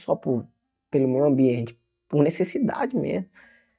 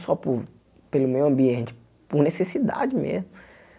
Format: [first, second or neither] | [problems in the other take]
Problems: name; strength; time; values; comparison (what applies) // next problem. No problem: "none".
second | noise reduction (neural mask model DeepFilterNet 3)